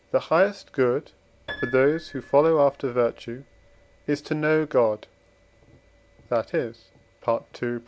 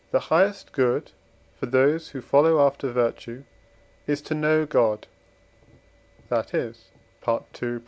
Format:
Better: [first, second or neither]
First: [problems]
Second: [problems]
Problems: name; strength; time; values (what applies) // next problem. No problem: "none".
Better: second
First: background sound (Piano); 17 dB below the speech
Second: none